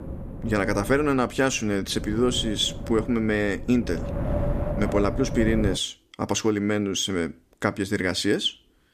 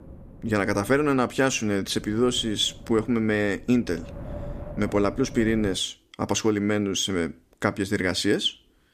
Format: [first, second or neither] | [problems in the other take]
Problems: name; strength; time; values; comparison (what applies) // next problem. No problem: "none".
second | wind noise on the microphone; heavy; until 6 s; 10 dB below the speech; occasional gusts in the second